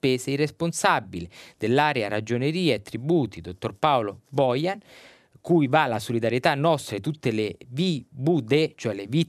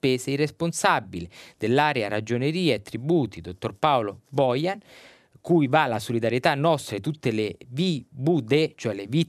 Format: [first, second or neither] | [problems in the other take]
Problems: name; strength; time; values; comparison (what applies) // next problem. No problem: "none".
neither | none